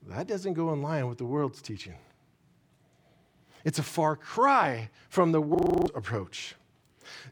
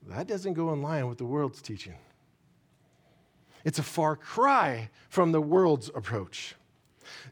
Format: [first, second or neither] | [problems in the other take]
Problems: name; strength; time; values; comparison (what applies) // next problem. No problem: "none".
second | audio freezing; at 5.5 s